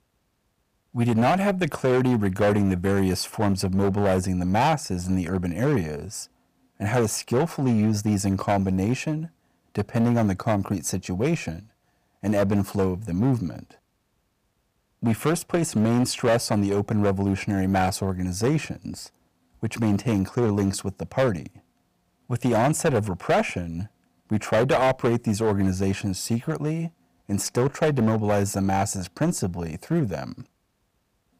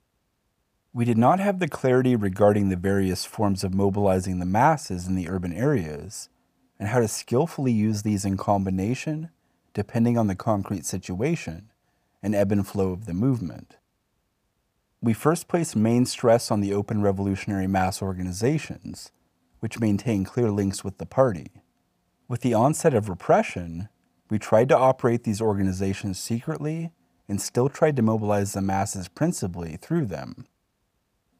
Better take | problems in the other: second | distortion; slight; 10% of the sound clipped

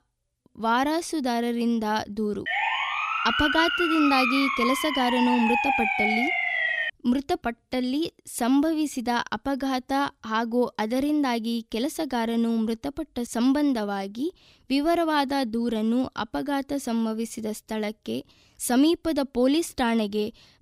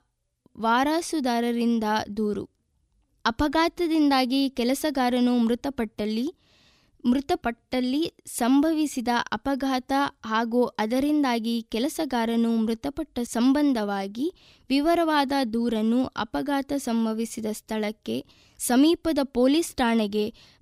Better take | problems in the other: second | siren; loud; from 2.5 to 7 s; peak 3 dB above the speech

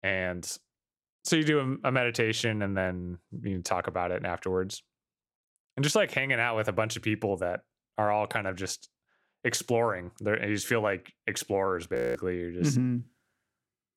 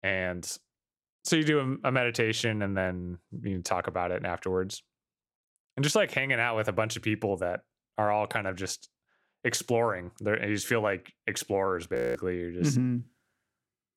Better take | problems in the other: neither | audio freezing; at 12 s; the same in both

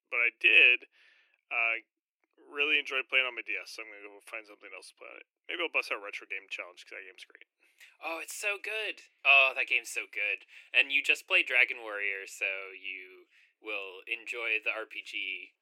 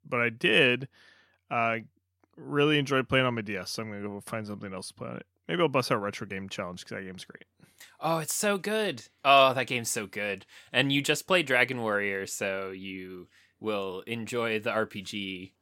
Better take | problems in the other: second | thin; very; fading below 300 Hz

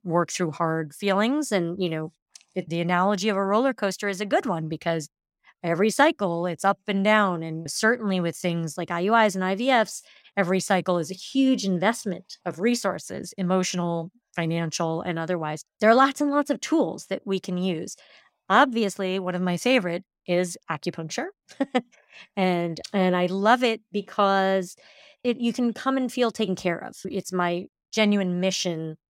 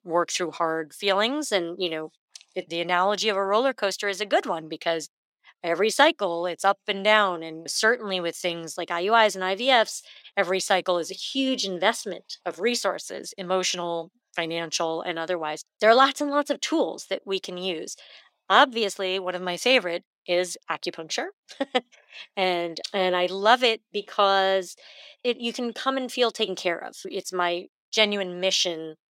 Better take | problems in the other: first | thin; somewhat; fading below 400 Hz

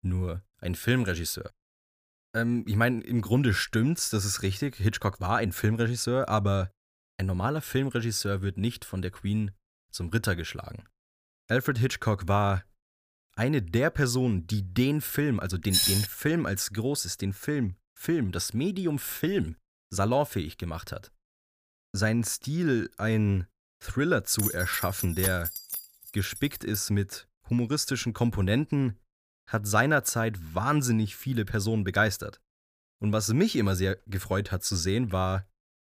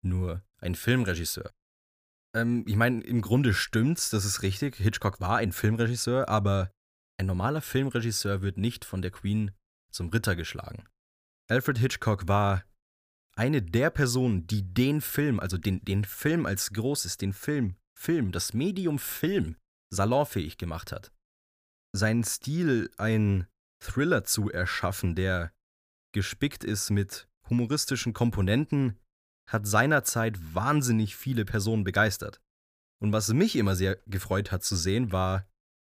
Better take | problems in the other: second | jangling keys; loud; at 16 s; peak 5 dB above the speech // jangling keys; noticeable; from 24 to 27 s; peak 2 dB below the speech

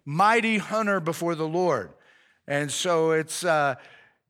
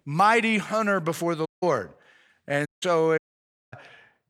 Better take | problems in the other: first | audio cutting out; at 1.5 s, at 2.5 s and at 3 s for 0.5 s

